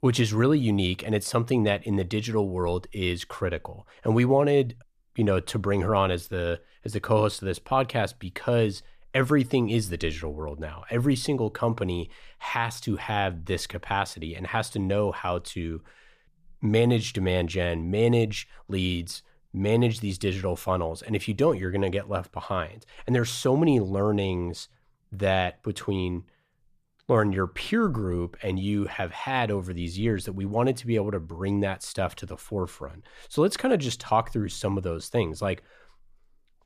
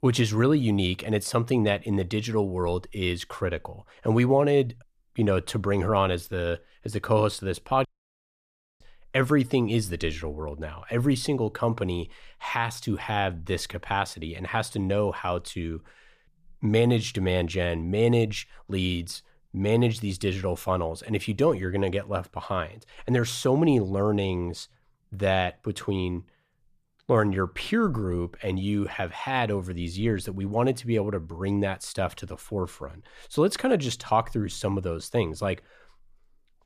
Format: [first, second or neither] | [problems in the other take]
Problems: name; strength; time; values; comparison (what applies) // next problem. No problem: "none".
first | audio cutting out; at 8 s for 1 s